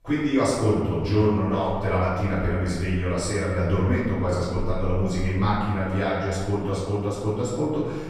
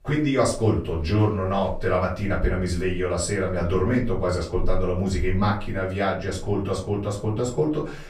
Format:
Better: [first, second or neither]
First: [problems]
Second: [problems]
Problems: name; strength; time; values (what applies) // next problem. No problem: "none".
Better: second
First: room echo; strong; dies away in 1.5 s // off-mic speech; far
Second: room echo; slight; dies away in 0.3 s // off-mic speech; far